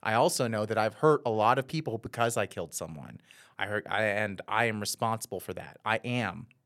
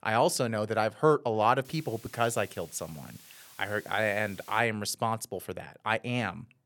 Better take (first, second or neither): first